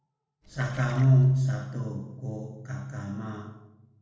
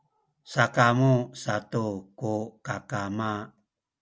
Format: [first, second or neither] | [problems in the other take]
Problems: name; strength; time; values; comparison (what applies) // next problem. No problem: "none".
second | noise reduction (neural separator model SepFormer DNS4)